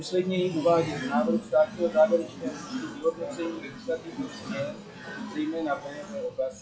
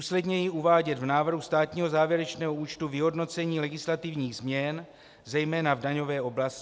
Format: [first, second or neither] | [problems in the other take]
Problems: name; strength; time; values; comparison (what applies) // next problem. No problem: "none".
second | noise reduction (classical method WPE with log-MMSE)